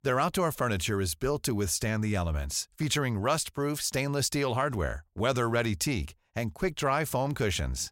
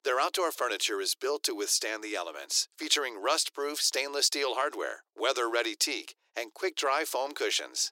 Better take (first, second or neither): first